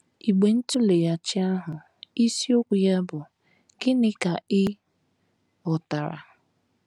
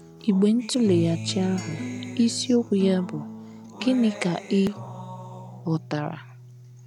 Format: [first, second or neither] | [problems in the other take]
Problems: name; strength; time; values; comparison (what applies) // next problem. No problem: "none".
first | background sound (Acoustic guitar); 11 dB below the speech